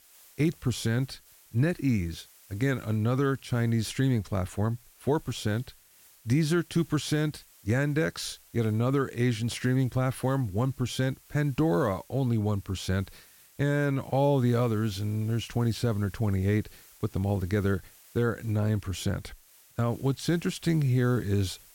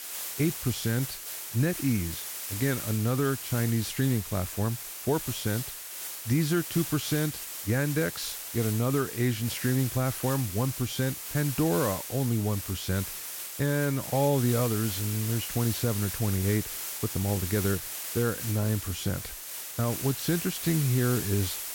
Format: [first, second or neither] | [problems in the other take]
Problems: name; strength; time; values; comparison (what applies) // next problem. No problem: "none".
first | hiss; loud; throughout; 5 dB below the speech; faint in the first